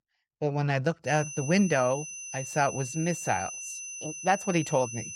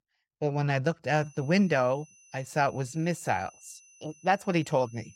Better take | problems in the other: second | high-pitched whine; loud; from 1 s on; 6 kHz, 9 dB below the speech; faint in the second

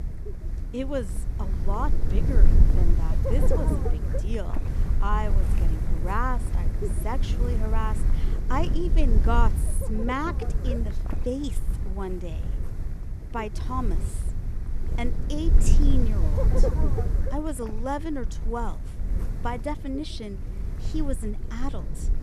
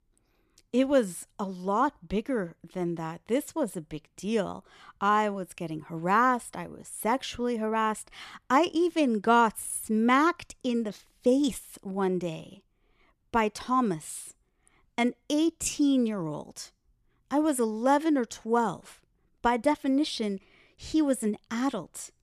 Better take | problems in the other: second | wind noise on the microphone; heavy; 6 dB below the speech

